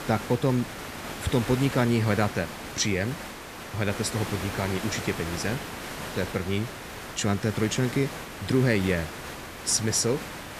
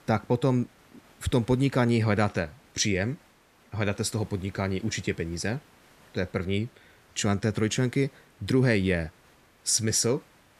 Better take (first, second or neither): second